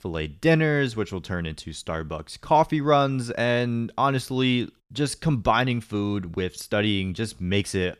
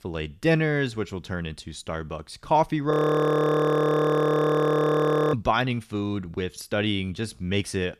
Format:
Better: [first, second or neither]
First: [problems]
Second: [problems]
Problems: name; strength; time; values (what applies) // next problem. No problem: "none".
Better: first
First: none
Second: audio freezing; at 3 s for 2.5 s